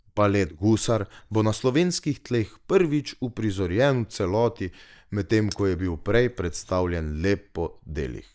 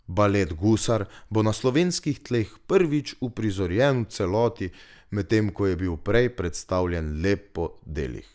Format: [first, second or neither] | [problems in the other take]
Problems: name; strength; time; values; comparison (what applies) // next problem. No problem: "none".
second | noise reduction (neural mask model DeepFilterNet 3)